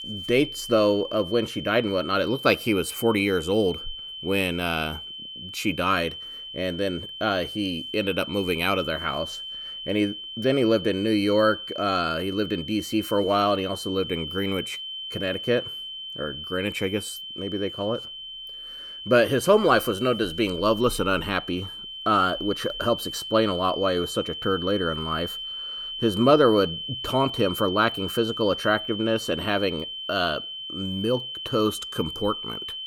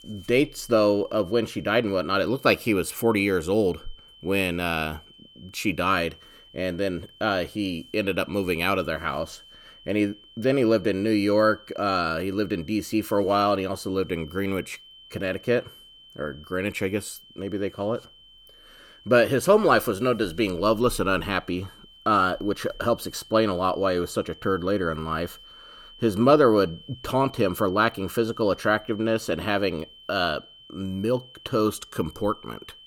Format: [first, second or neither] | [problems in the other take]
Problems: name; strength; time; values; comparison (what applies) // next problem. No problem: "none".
second | high-pitched whine; loud; throughout; 3 kHz, 8 dB below the speech; faint in the second